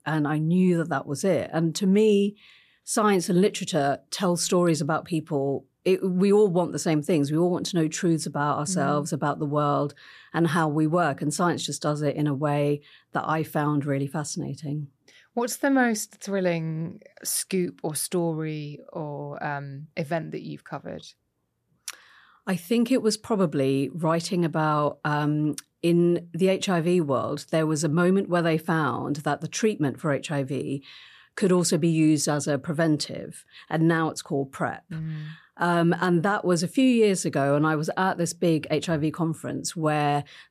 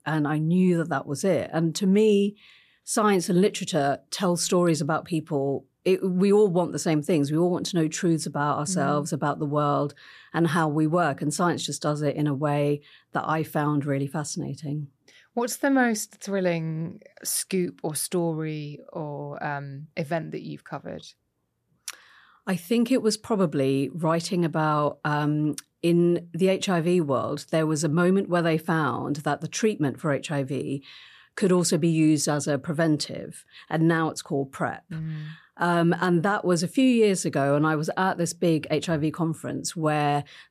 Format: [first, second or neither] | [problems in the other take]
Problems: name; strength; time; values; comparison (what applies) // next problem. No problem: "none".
neither | none